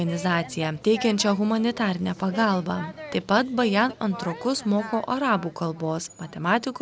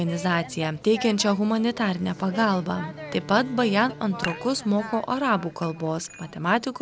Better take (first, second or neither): first